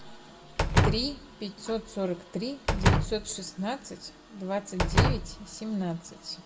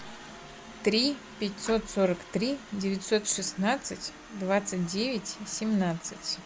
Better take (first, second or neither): second